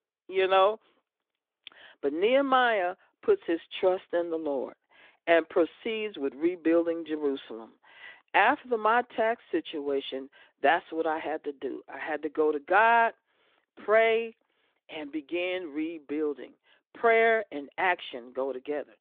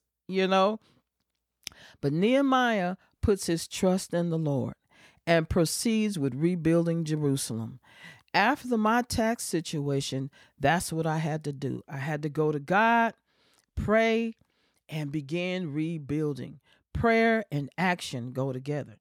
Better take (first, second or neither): second